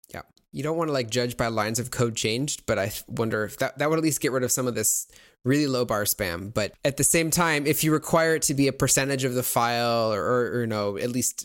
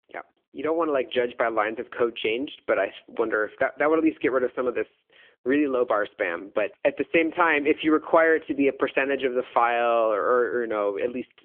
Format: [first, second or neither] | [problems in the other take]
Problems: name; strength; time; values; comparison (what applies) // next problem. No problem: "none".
first | phone-call audio; nothing above 3.5 kHz